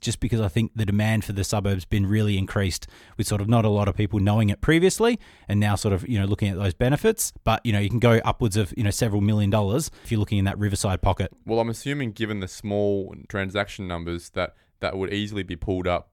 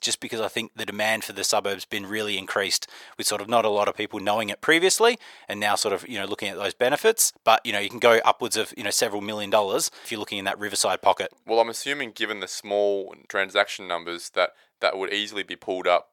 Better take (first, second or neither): first